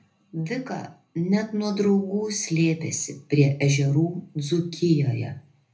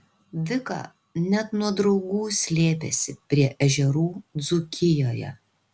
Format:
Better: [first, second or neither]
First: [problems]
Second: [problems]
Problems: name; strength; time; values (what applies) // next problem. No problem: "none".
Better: second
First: room echo; dies away in 0.3 s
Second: none